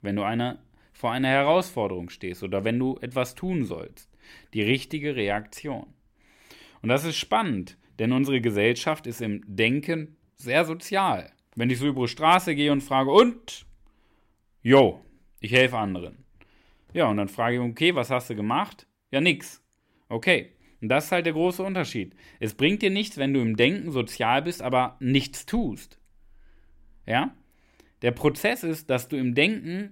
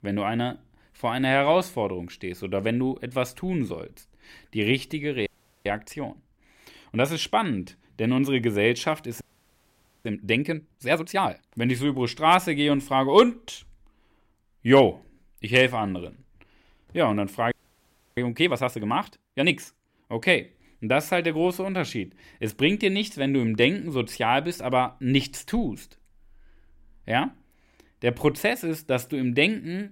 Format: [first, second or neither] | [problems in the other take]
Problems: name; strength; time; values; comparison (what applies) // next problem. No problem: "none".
first | audio freezing; at 5.5 s, at 9 s for 1 s and at 18 s for 0.5 s